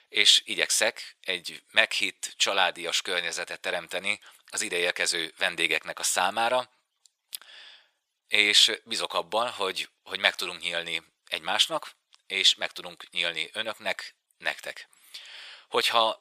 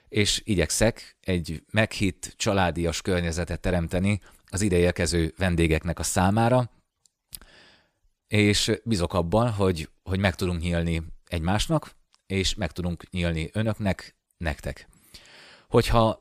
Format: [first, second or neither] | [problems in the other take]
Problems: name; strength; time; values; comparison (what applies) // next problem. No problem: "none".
second | thin; very; fading below 750 Hz